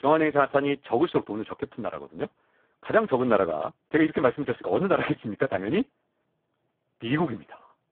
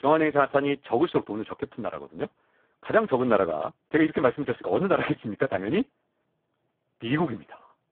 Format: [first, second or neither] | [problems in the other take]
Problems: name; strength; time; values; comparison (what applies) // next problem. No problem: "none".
neither | phone-call audio; poor line; the same in both